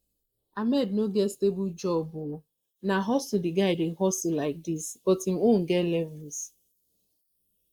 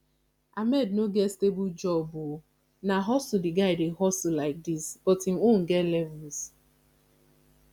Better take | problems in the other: second | noise reduction (neural mask model Resemble Enhance denoiser)

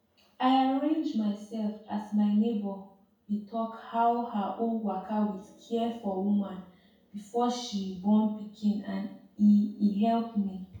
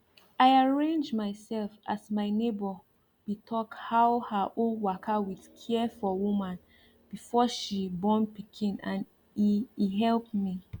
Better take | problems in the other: second | room echo; dies away in 0.6 s

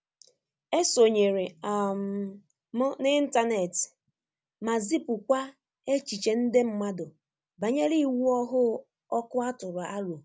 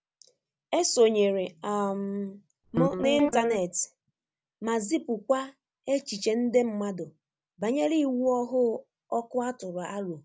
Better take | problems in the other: first | background sound (Guitar); 1 dB below the speech

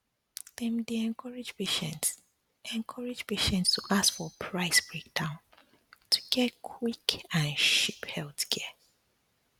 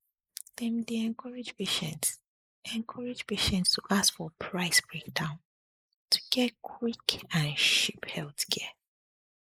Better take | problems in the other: first | noise reduction (neural mask model Resemble Enhance denoiser)

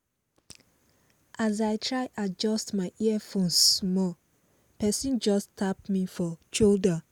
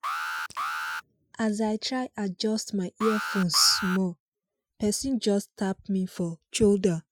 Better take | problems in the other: first | noise reduction (classical method Wiener filter)

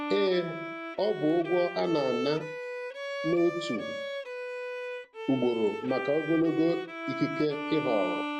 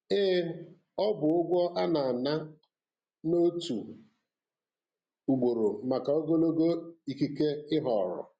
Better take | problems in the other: second | background sound (Bowed string instrument); 6 dB below the speech

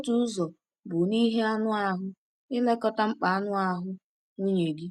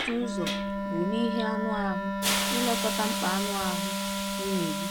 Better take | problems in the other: first | background sound (Hiss + Wind instrument, woodwind instrument); 2 dB above the speech

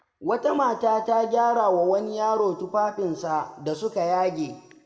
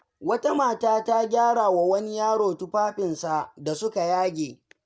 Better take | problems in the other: second | room echo; dies away in 1.2 s

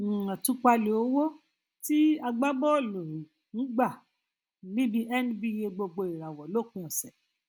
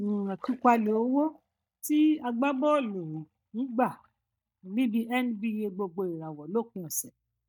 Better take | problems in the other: first | noise reduction (neural mask model DeepFilterNet 3)

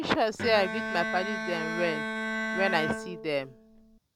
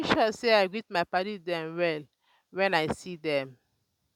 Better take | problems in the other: second | background sound (Bowed string instrument); 3 dB below the speech

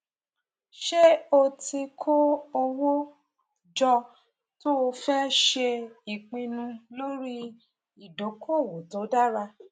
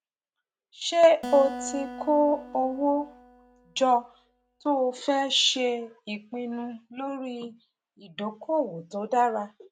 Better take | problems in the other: first | background sound (Acoustic guitar); 13 dB below the speech

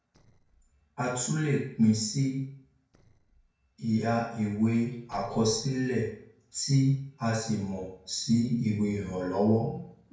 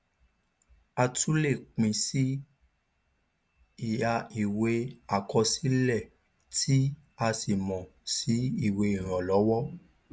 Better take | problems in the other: second | noise reduction (neural separator model SepFormer DNS4)

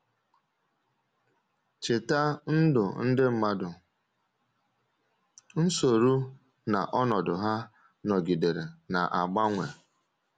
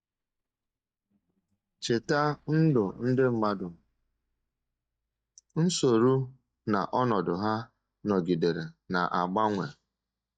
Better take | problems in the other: first | noise reduction (neural mask model DeepFilterNet 3)

